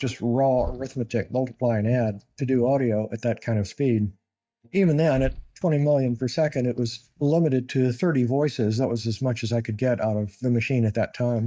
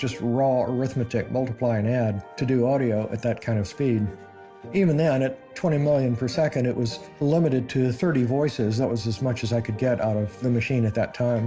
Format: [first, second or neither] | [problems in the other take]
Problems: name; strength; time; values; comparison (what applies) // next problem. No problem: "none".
second | noise reduction (neural mask model DeepFilterNet 3)